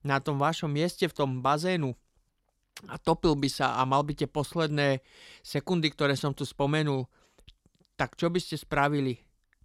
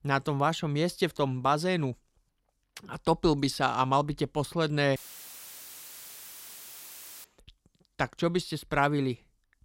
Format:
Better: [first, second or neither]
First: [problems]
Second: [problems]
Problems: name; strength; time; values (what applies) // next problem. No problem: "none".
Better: first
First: none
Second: audio cutting out; filled with static; at 5 s for 2.5 s